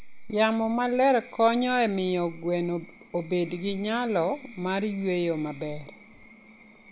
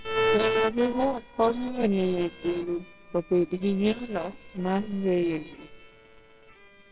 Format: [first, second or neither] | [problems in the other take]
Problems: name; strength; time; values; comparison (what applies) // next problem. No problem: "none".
first | noise reduction (neural separator model SepFormer WHAMR!)